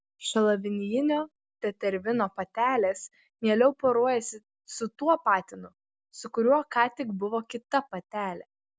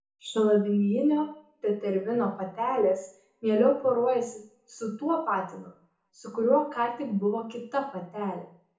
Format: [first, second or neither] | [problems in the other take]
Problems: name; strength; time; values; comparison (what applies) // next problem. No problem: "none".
first | room echo; dies away in 0.7 s